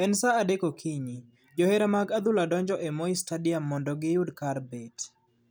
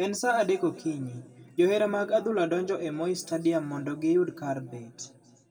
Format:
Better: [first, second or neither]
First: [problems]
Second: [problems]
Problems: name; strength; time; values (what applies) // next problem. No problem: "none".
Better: first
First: none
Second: room echo; dies away in 1.6 s